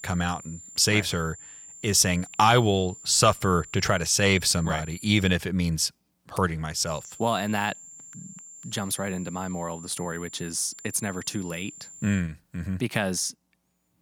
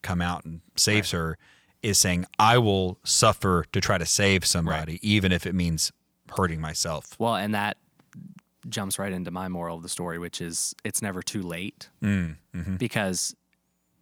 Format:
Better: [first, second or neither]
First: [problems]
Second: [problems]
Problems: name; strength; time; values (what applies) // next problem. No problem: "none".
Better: second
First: high-pitched whine; noticeable; until 5.5 s and from 7 to 12 s; 7 kHz, 15 dB below the speech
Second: none